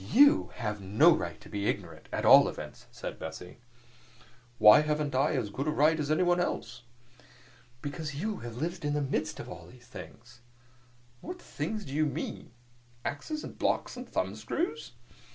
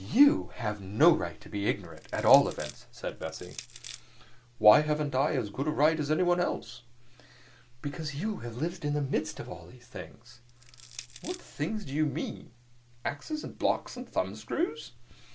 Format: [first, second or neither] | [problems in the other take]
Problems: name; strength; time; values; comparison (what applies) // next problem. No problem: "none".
first | background sound (Crushing); 17 dB below the speech